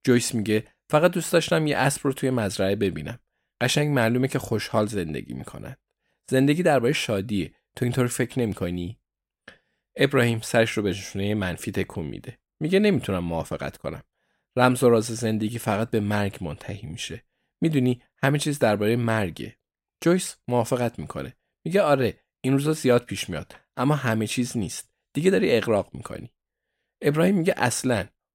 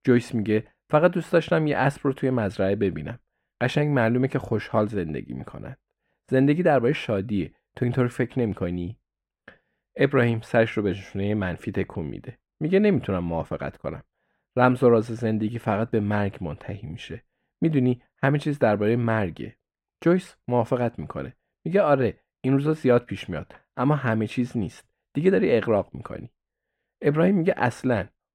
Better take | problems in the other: first | muffled; very; fading above 3.5 kHz

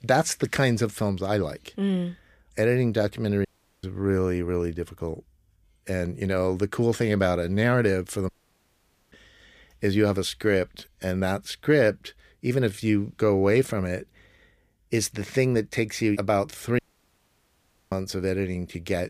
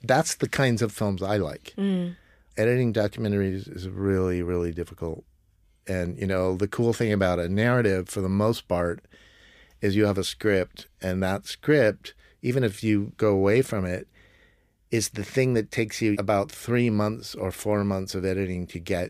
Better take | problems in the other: second | audio cutting out; at 3.5 s, at 8.5 s for 1 s and at 17 s for 1 s

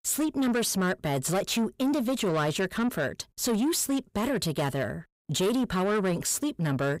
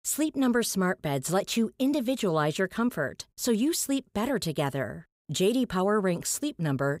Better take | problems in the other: second | distortion; slight; 10 dB below the speech

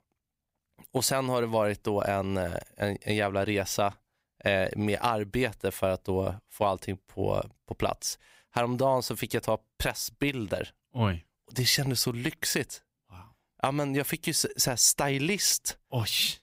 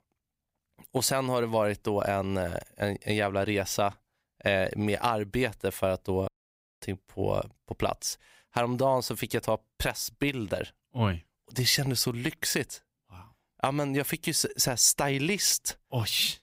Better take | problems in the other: first | audio cutting out; at 6.5 s for 0.5 s

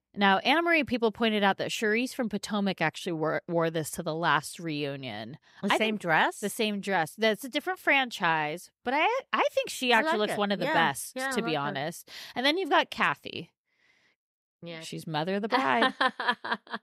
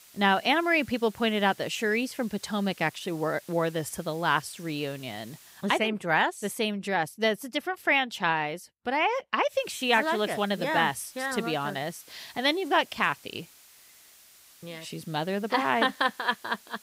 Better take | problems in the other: first | hiss; faint; until 5.5 s and from 9.5 s on; 25 dB below the speech

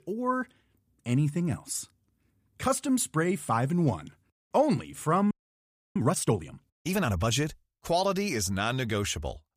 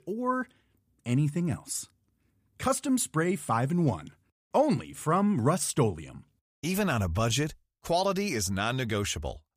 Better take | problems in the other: second | audio freezing; at 5.5 s for 0.5 s

